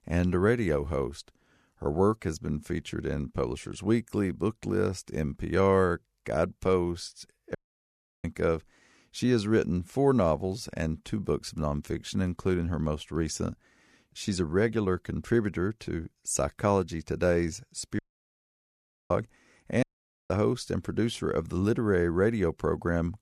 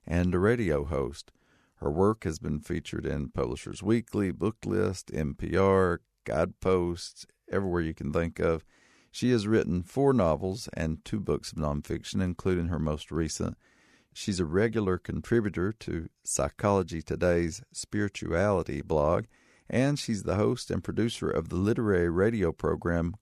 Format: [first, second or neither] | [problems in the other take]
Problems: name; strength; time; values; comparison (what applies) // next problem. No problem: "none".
second | audio cutting out; at 7.5 s for 0.5 s, at 18 s for 1 s and at 20 s